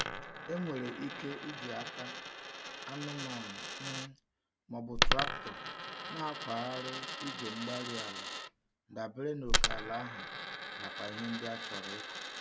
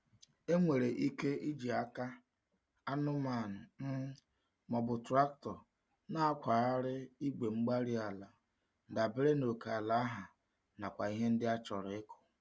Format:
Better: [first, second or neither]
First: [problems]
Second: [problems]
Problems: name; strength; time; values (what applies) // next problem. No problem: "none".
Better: second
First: background sound (Coin (dropping)); 5 dB above the speech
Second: none